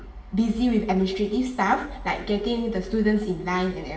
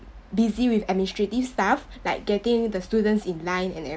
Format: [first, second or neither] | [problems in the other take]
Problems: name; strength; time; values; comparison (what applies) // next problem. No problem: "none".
second | room echo; dies away in 0.8 s